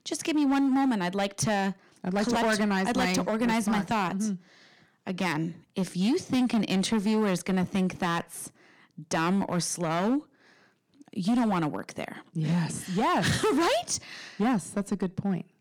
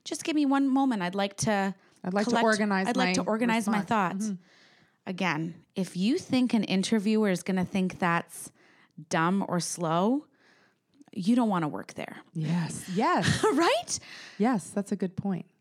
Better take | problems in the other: second | distortion; slight; 11% of the sound clipped

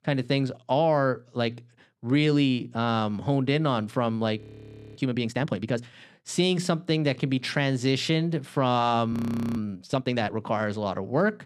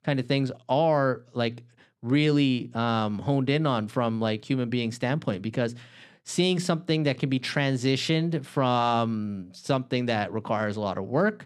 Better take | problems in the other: second | audio freezing; at 4.5 s for 0.5 s and at 9 s

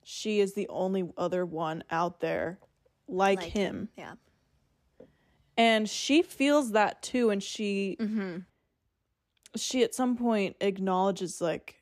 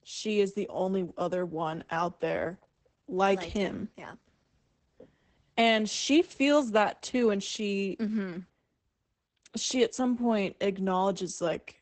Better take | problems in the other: first | garbled, watery; badly; nothing above 8 kHz

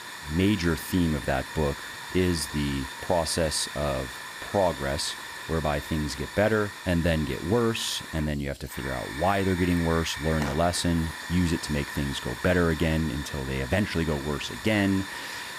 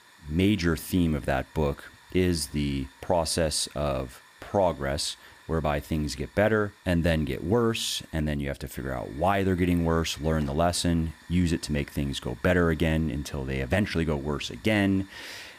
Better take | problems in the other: second | hiss; loud; throughout; 9 dB below the speech; faint in the second

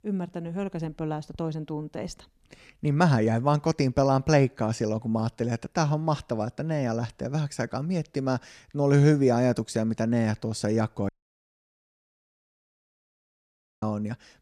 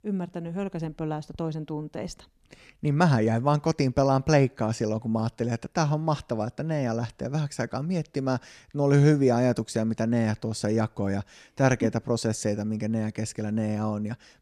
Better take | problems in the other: second | audio cutting out; at 11 s for 2.5 s

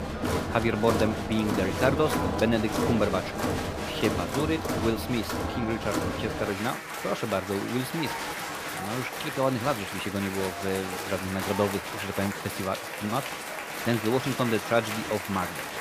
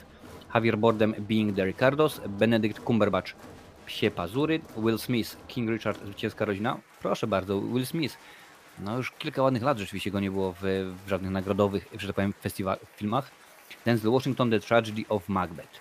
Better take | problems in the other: second | crowd noise; loud; throughout; 2 dB below the speech; faint in the second

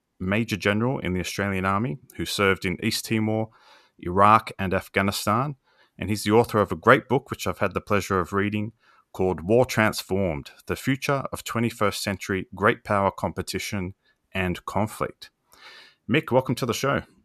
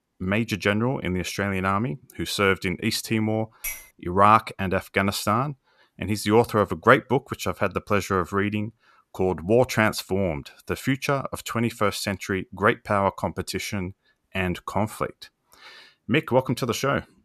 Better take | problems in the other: first | clattering dishes; noticeable; at 3.5 s; peak 8 dB below the speech

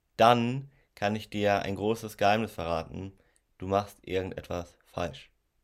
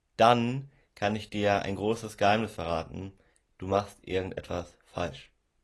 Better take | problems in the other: first | garbled, watery; slightly; nothing above 12 kHz

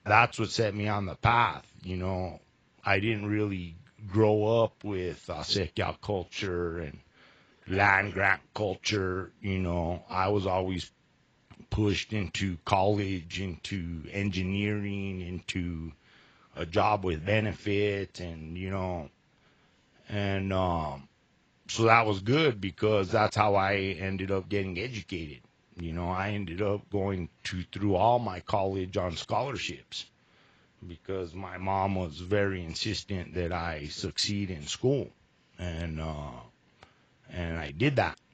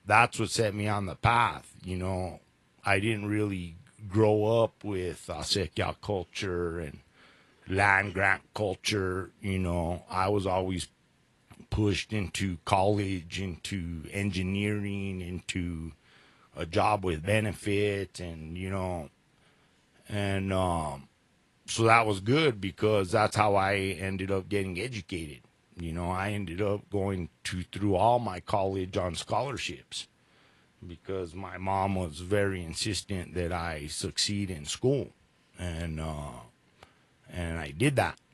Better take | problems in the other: second | garbled, watery; badly; nothing above 7.5 kHz; slightly in the second

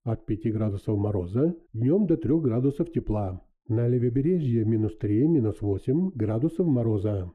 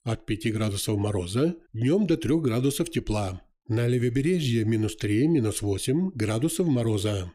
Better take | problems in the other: second | muffled; very; fading above 2 kHz

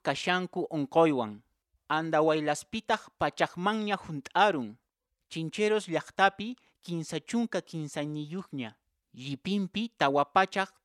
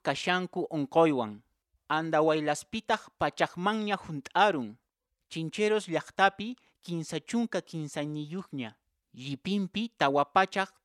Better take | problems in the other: neither | none

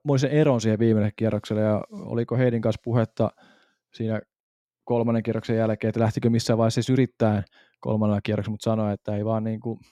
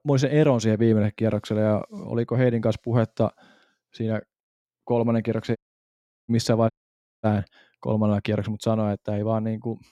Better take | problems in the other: first | audio cutting out; at 5.5 s for 0.5 s and at 6.5 s for 0.5 s

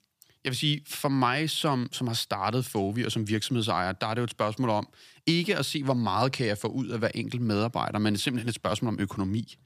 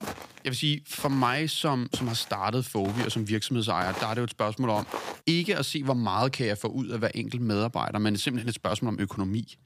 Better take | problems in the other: first | footsteps; noticeable; until 5 s; peak 8 dB below the speech

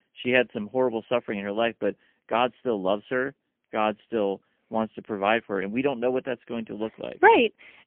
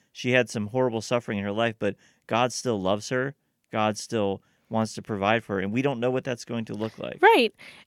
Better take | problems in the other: second | phone-call audio; poor line; nothing above 3 kHz

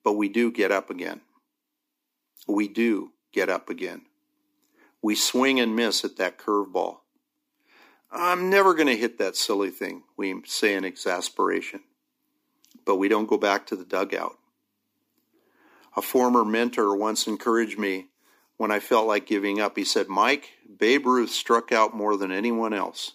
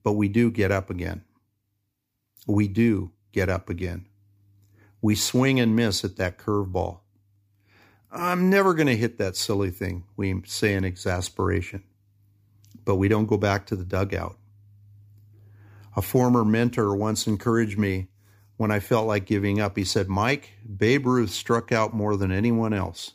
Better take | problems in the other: second | thin; somewhat; fading below 250 Hz

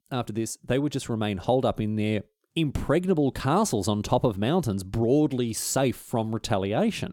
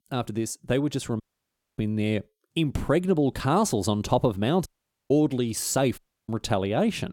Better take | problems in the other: first | audio cutting out; at 1 s for 0.5 s, at 4.5 s and at 6 s

